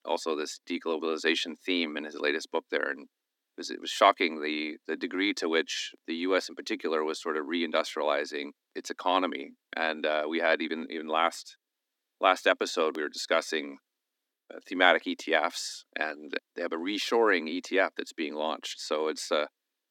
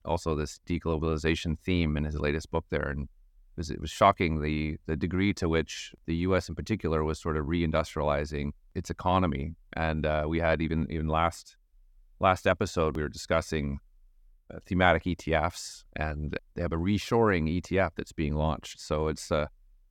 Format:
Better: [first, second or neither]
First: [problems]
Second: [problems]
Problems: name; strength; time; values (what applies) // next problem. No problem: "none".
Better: second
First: thin; somewhat; fading below 250 Hz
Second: none